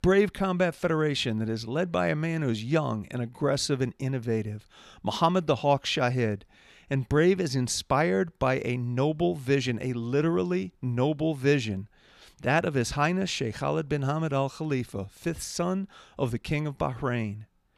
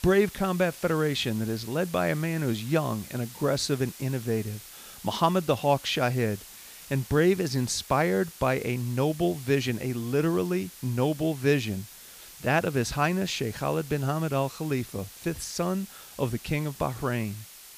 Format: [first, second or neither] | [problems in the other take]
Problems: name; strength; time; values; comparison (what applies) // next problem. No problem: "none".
first | hiss; noticeable; throughout; 15 dB below the speech